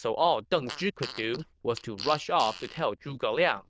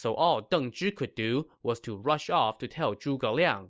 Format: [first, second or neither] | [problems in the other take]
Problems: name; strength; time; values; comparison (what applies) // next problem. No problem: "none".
second | noise reduction (neural diffusion model UNIVERSE++)